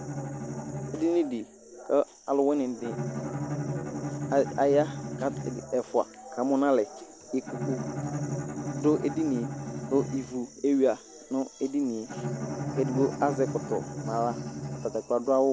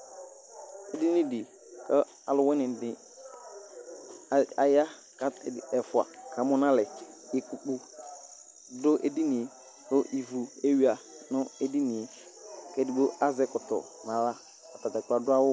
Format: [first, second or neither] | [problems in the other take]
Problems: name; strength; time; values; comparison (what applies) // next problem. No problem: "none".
second | background sound (Bowed string instrument); 7 dB below the speech